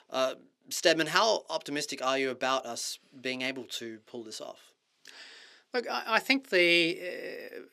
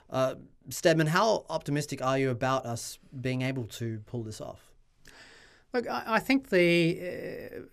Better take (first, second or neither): second